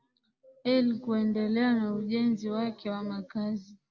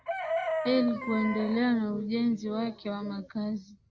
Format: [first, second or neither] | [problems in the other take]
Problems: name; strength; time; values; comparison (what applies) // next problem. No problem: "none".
first | background sound (Chicken, rooster); 7 dB below the speech